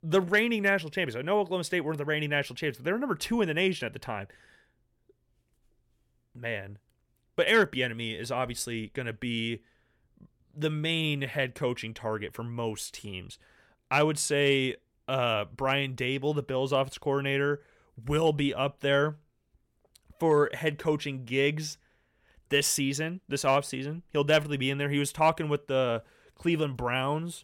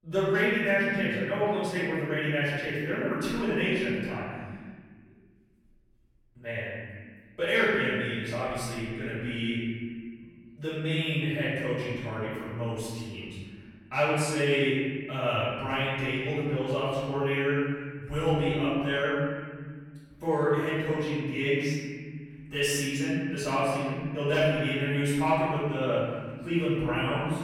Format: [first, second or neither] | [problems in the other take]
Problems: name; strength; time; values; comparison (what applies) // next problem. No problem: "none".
first | room echo; strong; dies away in 1.9 s // off-mic speech; far